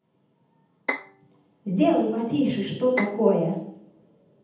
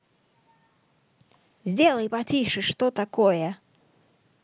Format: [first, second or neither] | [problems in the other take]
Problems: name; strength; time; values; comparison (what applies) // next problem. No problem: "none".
second | background sound (Bowed string instrument); 10 dB below the speech // room echo; dies away in 0.8 s